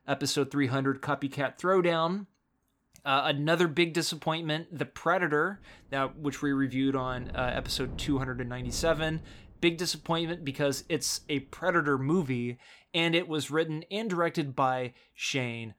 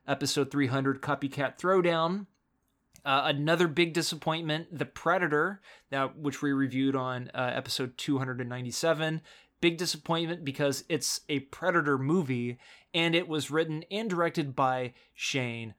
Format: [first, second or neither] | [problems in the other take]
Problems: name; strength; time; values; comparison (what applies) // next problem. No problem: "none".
second | wind noise on the microphone; occasional gusts; from 5.5 to 12 s; 25 dB below the speech